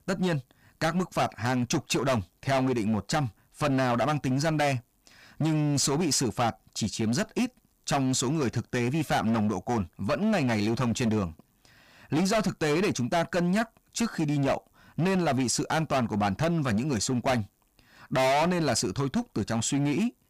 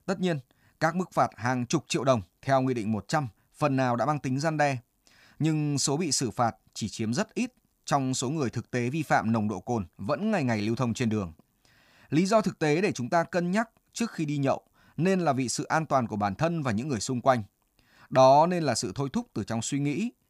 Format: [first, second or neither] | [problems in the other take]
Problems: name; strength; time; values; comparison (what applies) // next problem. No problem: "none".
second | distortion; heavy; 17% of the sound clipped